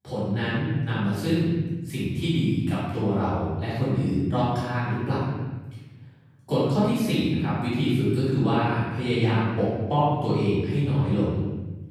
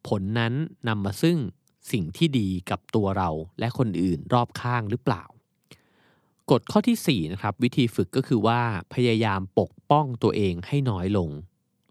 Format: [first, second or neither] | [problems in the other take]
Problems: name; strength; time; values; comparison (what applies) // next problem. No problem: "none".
second | room echo; strong; dies away in 1.3 s // off-mic speech; far